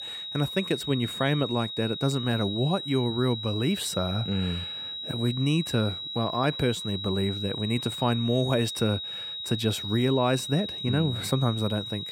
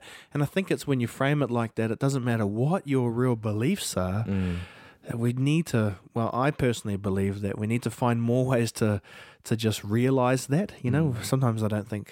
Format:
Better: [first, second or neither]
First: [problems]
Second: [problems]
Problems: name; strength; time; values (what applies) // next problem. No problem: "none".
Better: second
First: high-pitched whine; loud; throughout; 4 kHz, 6 dB below the speech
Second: none